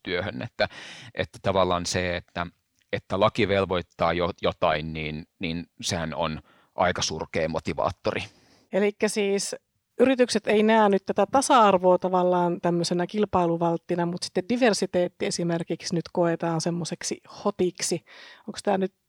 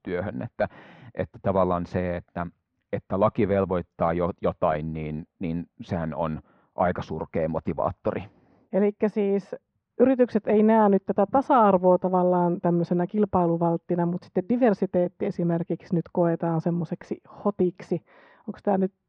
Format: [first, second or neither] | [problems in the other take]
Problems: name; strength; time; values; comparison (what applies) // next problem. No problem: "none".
first | muffled; very; fading above 1 kHz